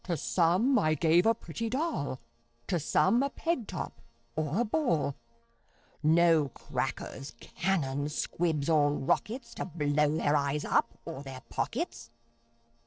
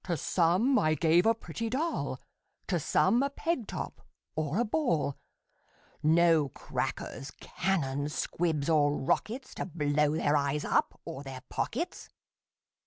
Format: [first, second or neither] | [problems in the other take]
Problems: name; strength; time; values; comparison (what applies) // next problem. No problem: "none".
second | noise reduction (neural separator model SepFormer DNS4)